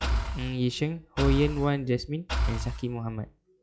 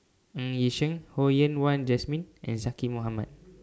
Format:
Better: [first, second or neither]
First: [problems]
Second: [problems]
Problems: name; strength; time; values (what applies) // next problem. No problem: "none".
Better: second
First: noise reduction (classical method log-MMSE)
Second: none